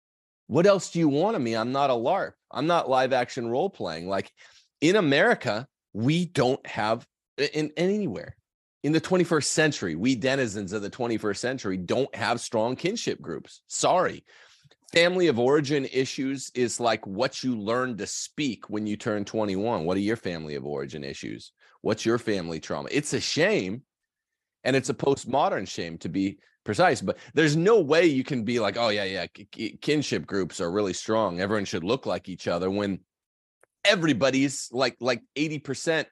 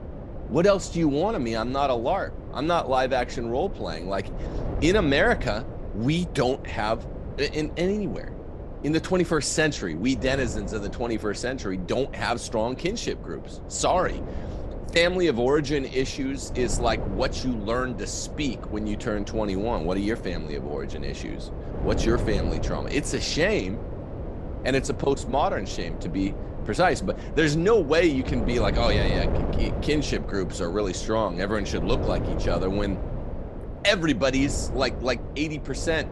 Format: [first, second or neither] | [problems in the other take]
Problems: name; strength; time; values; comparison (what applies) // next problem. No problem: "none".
first | wind noise on the microphone; occasional gusts; 10 dB below the speech